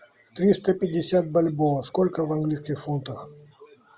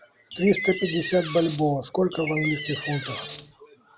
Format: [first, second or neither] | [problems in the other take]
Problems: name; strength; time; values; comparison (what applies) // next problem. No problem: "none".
first | background sound (Door); 8 dB below the speech